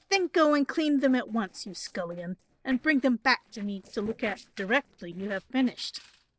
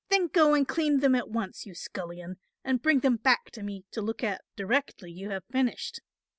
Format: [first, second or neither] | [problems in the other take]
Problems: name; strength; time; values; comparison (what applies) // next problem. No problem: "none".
second | noise reduction (neural separator model SepFormer DNS4)